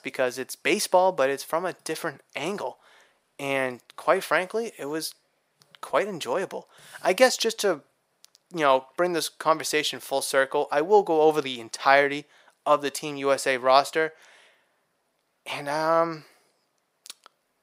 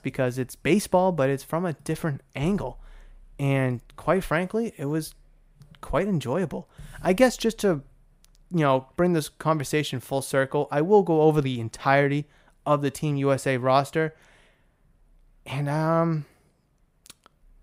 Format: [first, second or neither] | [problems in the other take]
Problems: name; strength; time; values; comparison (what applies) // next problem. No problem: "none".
second | thin; somewhat; fading below 500 Hz